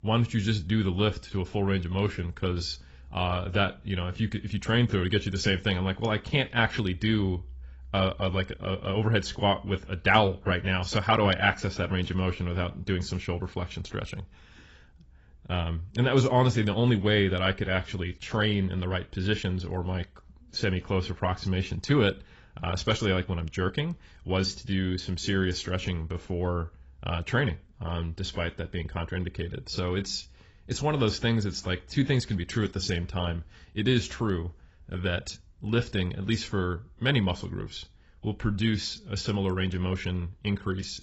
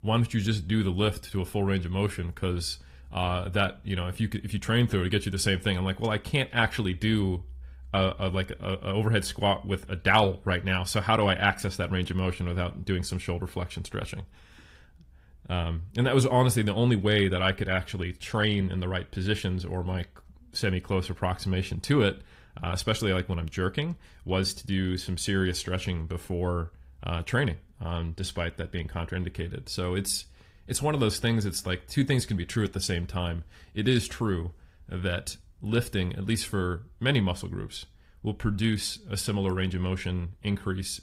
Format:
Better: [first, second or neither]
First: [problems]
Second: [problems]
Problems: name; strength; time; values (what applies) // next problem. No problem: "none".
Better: second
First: garbled, watery; badly; nothing above 7.5 kHz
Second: garbled, watery; slightly